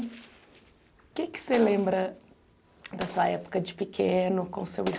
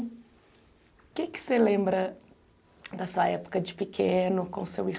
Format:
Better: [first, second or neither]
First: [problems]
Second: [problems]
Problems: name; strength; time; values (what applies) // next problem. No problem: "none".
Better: second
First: background sound (Explosion); 16 dB below the speech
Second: none